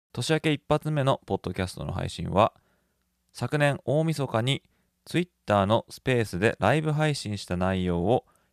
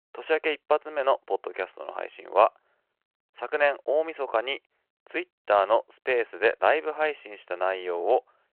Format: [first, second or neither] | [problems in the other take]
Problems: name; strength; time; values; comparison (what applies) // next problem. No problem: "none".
first | phone-call audio